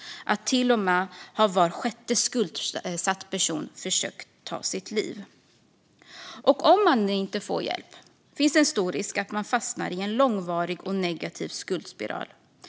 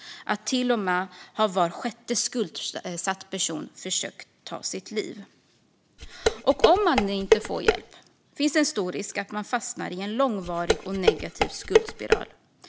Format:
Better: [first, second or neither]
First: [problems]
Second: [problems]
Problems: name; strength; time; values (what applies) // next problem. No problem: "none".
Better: first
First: none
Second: background sound (Dishes, pots, and pans); 3 dB above the speech